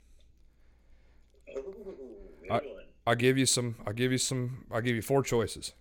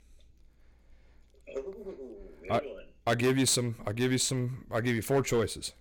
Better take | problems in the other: first | distortion; slight; 3% of the sound clipped

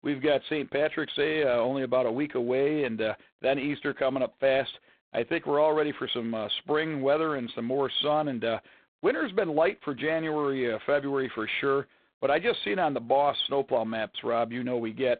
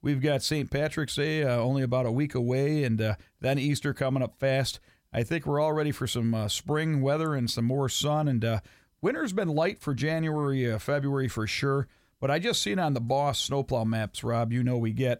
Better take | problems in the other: second | phone-call audio; poor line; nothing above 3.5 kHz

